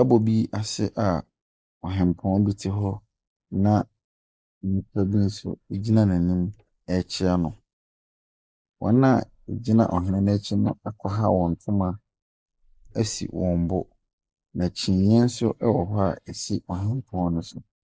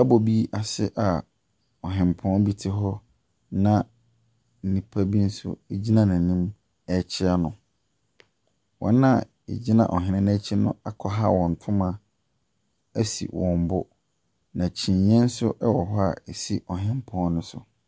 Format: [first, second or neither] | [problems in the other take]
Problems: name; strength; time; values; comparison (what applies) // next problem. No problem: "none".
second | noise reduction (neural mask model Resemble Enhance denoiser)